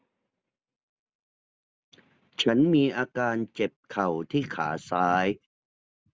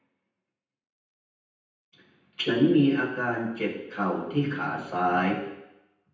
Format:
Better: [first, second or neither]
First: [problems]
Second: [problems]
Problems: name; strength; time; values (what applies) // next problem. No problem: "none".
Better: first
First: none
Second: room echo; dies away in 0.9 s